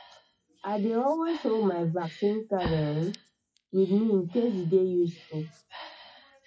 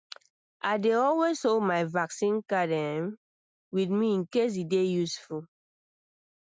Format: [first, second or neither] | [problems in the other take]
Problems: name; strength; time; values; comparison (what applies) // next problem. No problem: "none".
second | noise reduction (classical method WPE with log-MMSE)